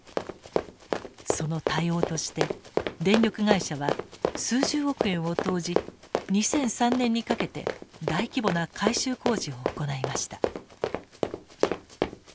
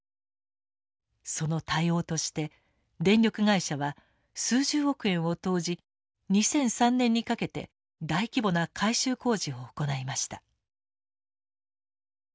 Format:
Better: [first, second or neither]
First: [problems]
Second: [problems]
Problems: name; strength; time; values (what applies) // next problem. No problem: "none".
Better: second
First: background sound (Run); 2 dB below the speech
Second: none